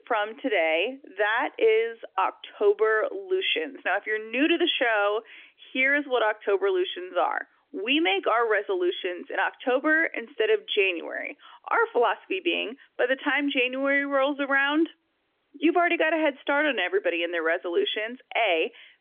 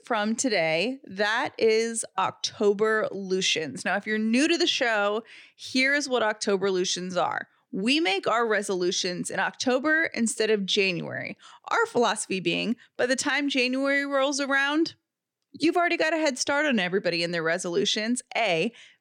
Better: second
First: phone-call audio; nothing above 3.5 kHz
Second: none

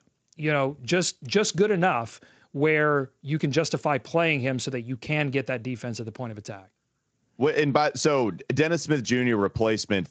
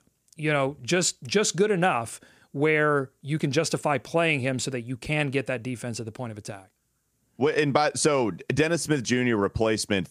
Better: second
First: garbled, watery; slightly; nothing above 7.5 kHz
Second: none

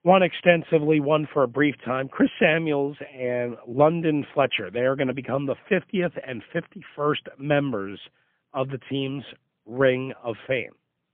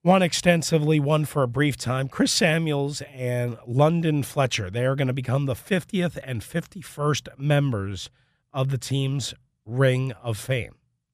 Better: second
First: phone-call audio; poor line; nothing above 3.5 kHz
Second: none

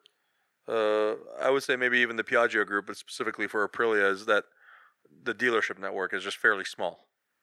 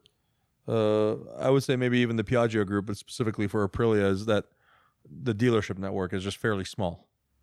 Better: second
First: thin; very; fading below 450 Hz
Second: none

